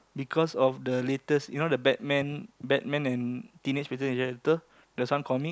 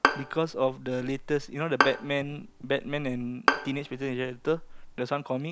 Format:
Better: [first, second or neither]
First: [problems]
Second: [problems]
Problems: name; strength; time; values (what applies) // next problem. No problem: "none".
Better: first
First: none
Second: background sound (Bowed string instrument); 1 dB below the speech